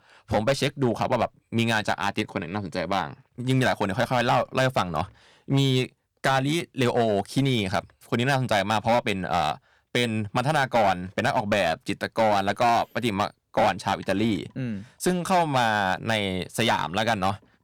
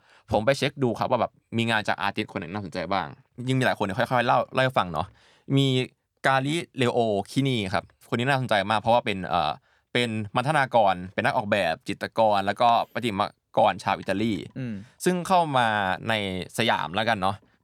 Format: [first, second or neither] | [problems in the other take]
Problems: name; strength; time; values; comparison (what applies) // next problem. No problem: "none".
second | distortion; slight; 8% of the sound clipped